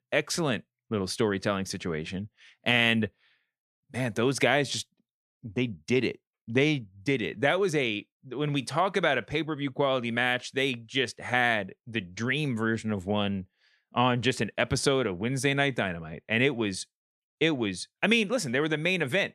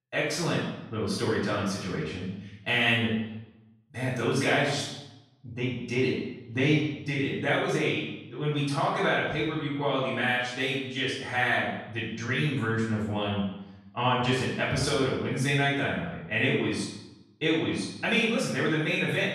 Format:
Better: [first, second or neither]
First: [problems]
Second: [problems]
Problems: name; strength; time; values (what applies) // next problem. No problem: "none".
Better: first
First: none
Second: off-mic speech; far // room echo; noticeable; dies away in 0.8 s